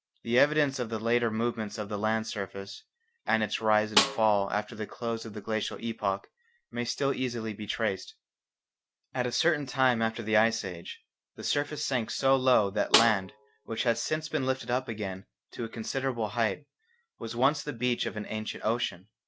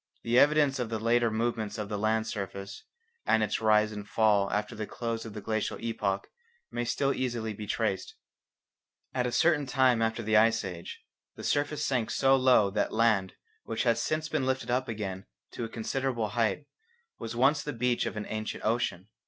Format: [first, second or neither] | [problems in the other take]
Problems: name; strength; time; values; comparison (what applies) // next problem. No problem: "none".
second | background sound (Snare drum); 2 dB below the speech